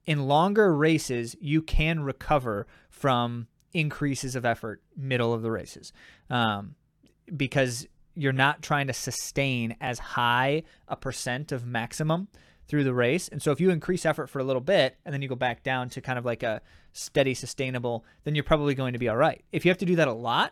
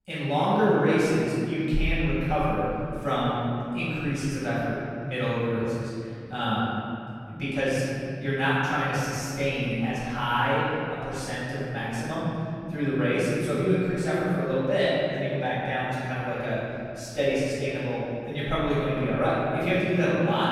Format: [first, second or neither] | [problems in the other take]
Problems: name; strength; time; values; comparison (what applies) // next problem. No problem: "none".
first | off-mic speech; far // room echo; strong; dies away in 2.6 s